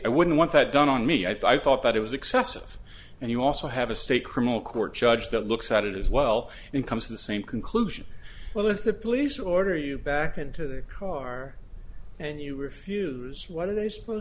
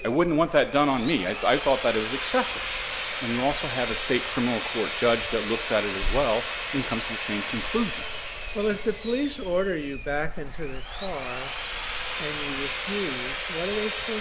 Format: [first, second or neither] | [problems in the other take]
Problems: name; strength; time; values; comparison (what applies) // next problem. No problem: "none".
first | background sound (Sawing); 6 dB below the speech